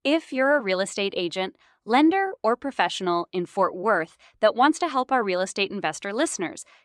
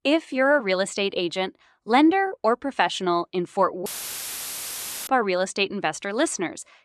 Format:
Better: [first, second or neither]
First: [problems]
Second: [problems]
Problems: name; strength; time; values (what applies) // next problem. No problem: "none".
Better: first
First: none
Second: audio cutting out; filled with static; at 4 s for 1 s